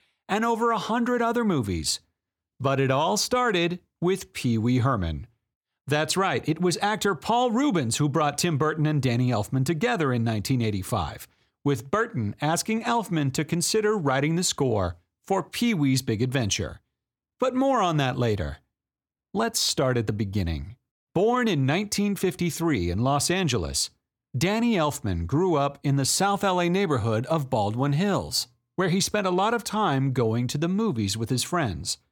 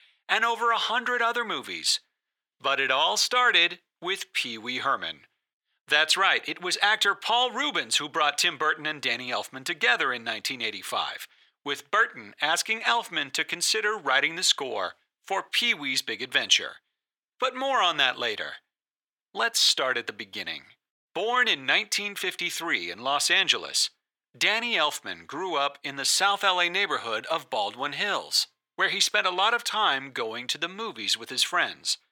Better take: first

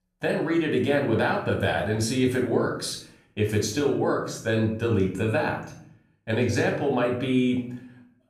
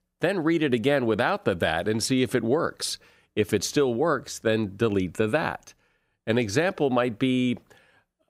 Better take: second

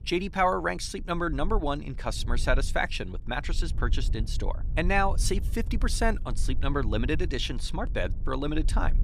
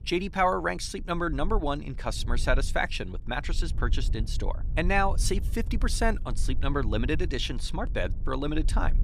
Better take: neither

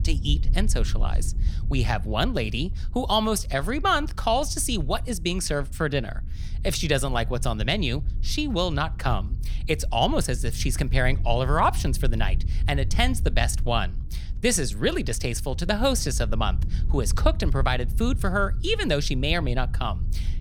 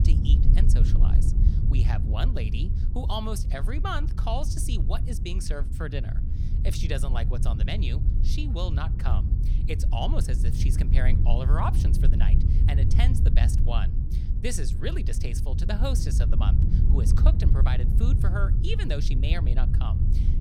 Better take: first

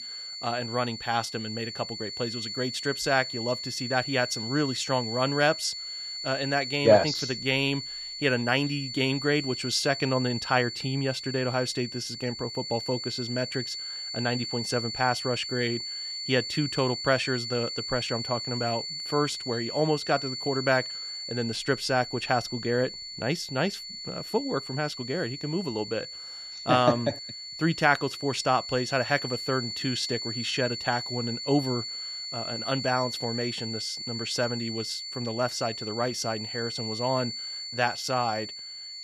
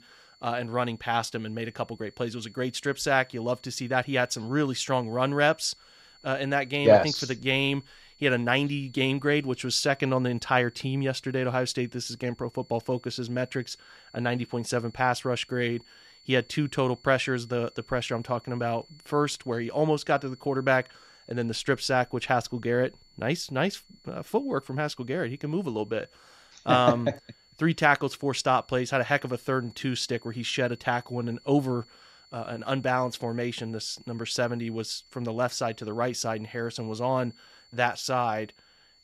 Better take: second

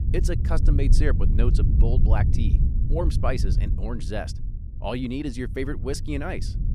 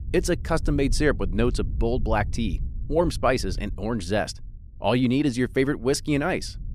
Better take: second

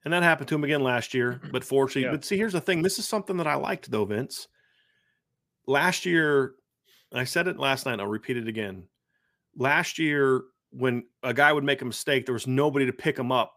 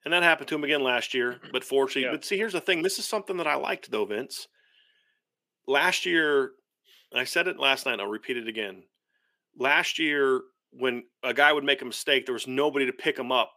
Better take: first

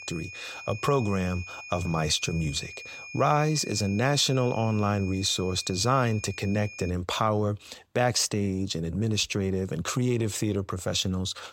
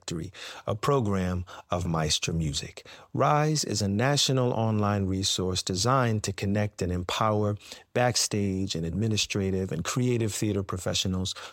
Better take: second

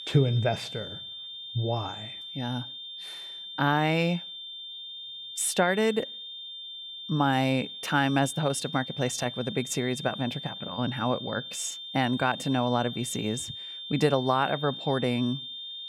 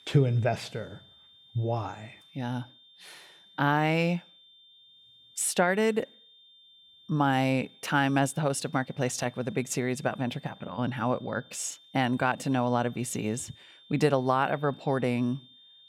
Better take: second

